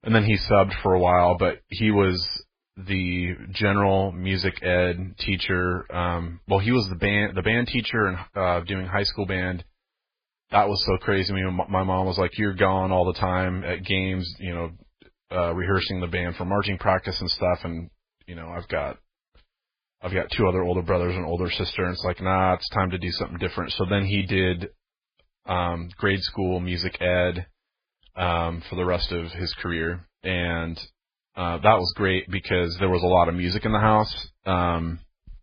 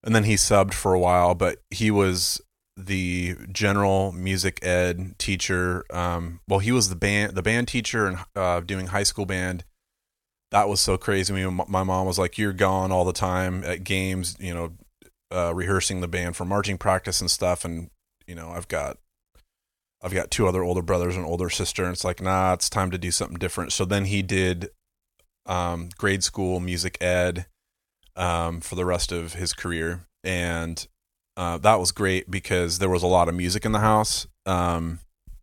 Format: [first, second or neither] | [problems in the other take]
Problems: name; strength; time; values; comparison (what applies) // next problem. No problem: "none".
second | garbled, watery; badly; nothing above 5 kHz